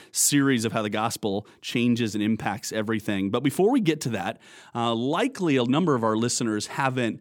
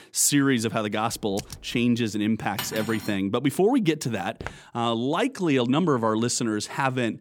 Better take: first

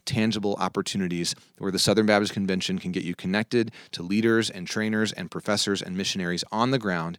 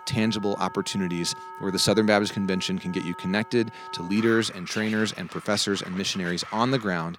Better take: first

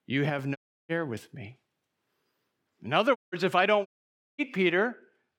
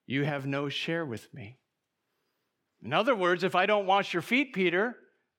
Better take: second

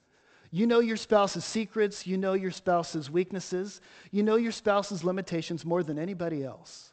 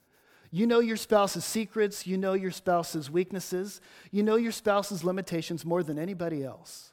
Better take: second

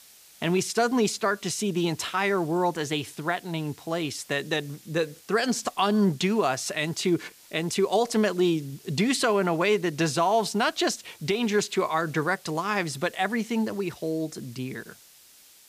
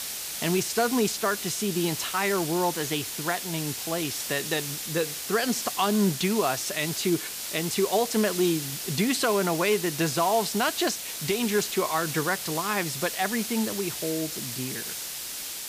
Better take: first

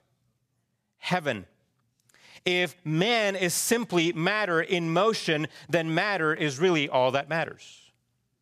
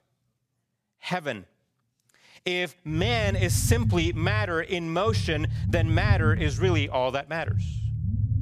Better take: first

